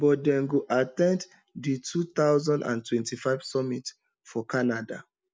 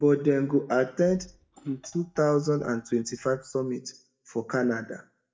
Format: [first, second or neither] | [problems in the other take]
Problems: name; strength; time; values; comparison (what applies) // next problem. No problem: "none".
first | noise reduction (neural mask model DeepFilterNet 3)